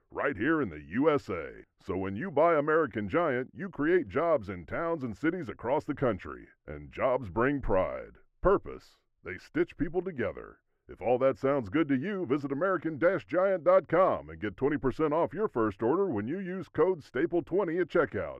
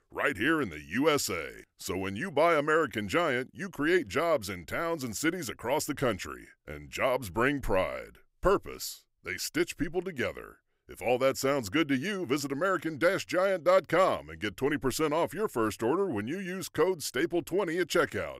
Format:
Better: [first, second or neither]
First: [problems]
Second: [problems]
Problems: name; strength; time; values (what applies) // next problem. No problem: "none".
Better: second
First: muffled; very; fading above 3.5 kHz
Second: none